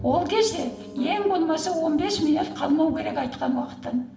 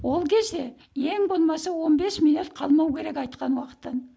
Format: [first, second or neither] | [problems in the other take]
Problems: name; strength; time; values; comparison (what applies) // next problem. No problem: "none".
second | background sound (Piano); 16 dB below the speech // room echo; dies away in 1.5 s